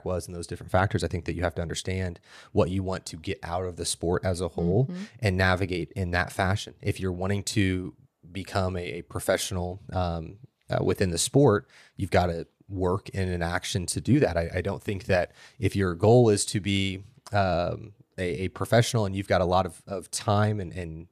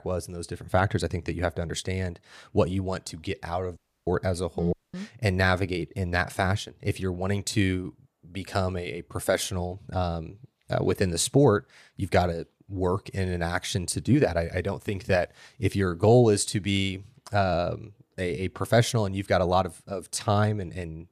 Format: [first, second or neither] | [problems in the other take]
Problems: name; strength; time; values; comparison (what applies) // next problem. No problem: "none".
first | audio cutting out; at 4 s and at 4.5 s